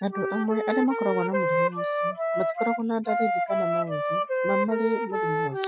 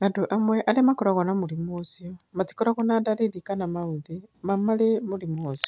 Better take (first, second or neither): second